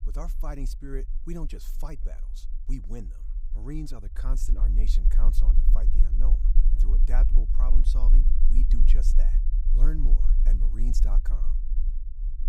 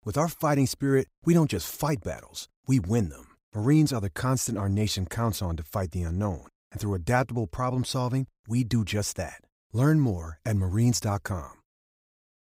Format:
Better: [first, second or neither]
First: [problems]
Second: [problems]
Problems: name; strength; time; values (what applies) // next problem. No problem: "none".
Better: second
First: low rumble; loud; throughout; 6 dB below the speech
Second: none